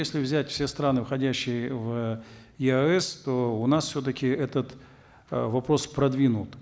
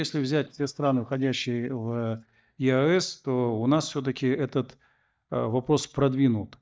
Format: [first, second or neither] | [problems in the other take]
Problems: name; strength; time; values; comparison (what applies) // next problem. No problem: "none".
first | noise reduction (neural mask model DeepFilterNet 3)